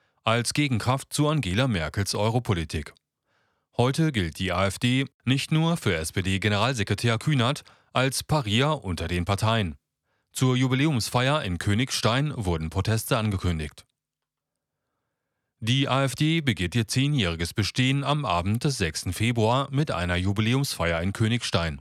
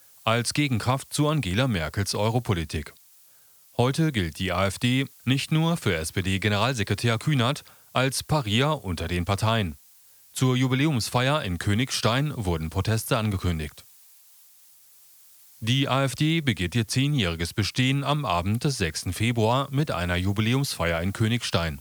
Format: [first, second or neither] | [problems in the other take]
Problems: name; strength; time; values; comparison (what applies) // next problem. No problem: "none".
first | hiss; faint; throughout; 25 dB below the speech